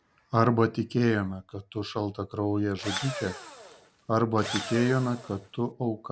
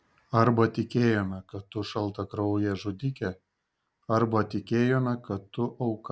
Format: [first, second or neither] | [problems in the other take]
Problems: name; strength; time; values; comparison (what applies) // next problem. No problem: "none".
second | background sound (Engine / Drill); 10 dB below the speech